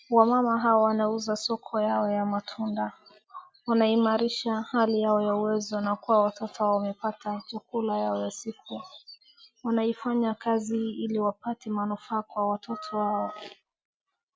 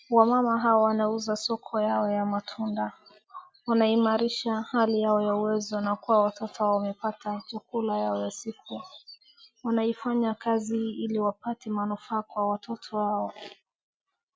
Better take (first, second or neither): second